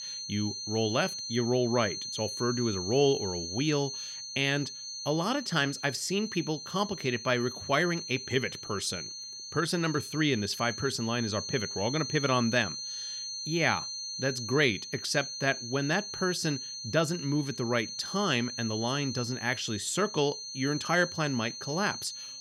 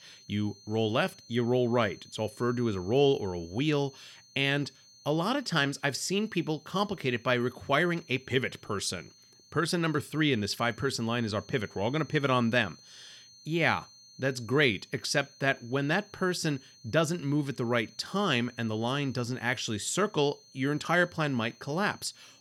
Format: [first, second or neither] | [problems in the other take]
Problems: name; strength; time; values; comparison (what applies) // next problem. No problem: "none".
second | high-pitched whine; loud; throughout; 4.5 kHz, 6 dB below the speech; faint in the second